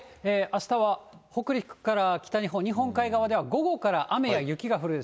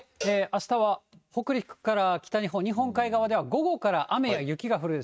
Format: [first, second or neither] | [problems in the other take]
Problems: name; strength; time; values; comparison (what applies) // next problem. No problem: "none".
first | noise reduction (neural mask model RNNoise)